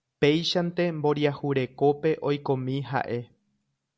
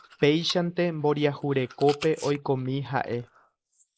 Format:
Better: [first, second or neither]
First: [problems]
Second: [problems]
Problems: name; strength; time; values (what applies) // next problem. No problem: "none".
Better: first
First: none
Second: noise reduction (neural mask model Resemble Enhance denoiser)